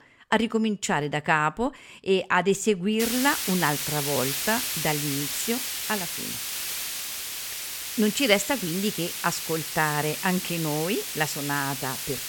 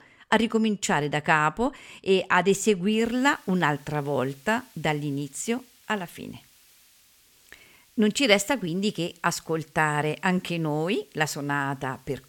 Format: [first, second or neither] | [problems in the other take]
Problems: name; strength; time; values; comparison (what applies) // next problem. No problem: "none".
second | hiss; loud; from 3 s on; 3 dB below the speech; faint in the second